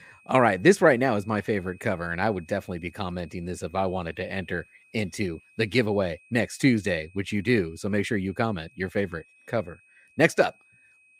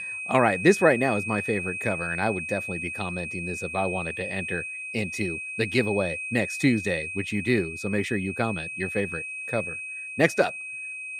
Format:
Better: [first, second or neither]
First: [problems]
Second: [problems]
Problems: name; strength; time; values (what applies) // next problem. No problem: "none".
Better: first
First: high-pitched whine; faint; throughout; 2.5 kHz, 30 dB below the speech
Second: high-pitched whine; loud; throughout; 2.5 kHz, 5 dB below the speech